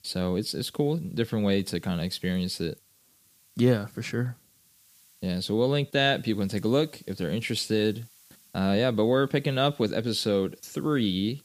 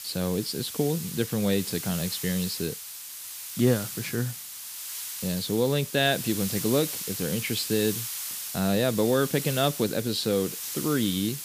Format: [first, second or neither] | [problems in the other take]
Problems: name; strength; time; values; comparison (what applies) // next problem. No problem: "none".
first | hiss; loud; throughout; 6 dB below the speech; faint in the first